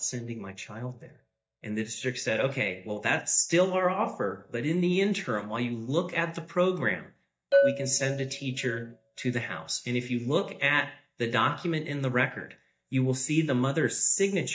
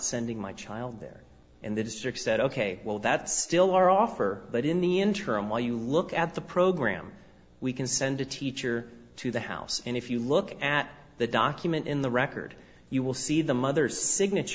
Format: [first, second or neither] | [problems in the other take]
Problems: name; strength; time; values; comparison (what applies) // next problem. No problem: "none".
second | noise reduction (neural mask model DeepFilterNet 3)